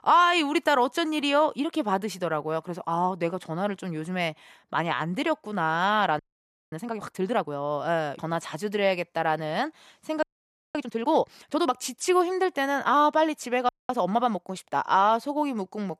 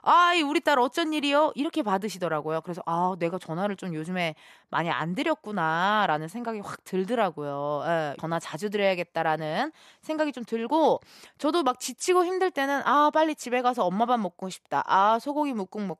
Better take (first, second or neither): second